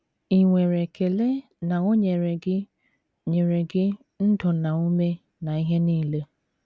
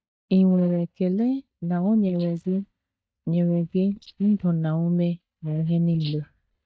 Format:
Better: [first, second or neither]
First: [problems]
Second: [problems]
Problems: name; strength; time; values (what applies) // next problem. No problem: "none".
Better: first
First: none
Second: noise reduction (neural mask model DeepFilterNet 3)